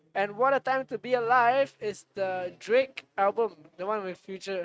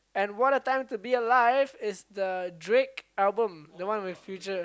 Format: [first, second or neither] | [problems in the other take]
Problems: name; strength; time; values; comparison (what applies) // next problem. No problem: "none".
second | noise reduction (neural mask model RNNoise)